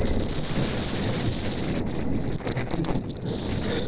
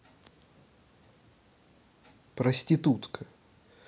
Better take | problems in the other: second | noise reduction (neural separator model SepFormer DNS4)

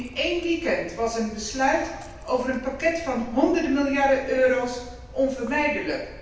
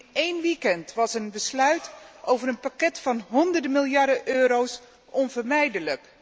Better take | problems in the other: second | background sound (Splash, splatter); 18 dB below the speech // room echo; dies away in 0.9 s

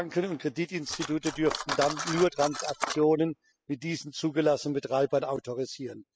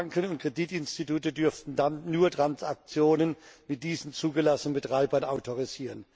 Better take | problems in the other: second | noise reduction (classical method spectral subtraction)

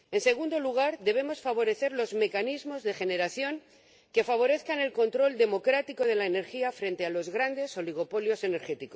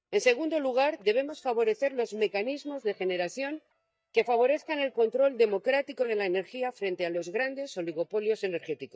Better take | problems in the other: first | noise reduction (neural mask model DeepFilterNet 3)

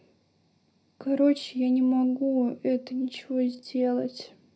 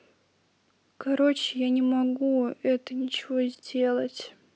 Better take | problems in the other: second | room echo; dies away in 0.4 s

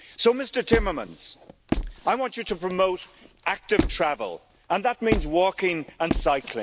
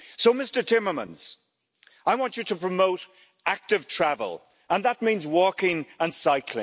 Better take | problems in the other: second | background sound (Squeak); 6 dB below the speech

